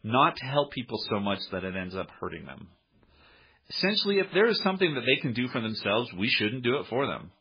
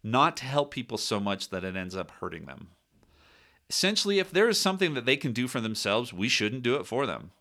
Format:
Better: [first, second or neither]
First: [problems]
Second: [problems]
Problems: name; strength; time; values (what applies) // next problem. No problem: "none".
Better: second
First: garbled, watery; badly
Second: none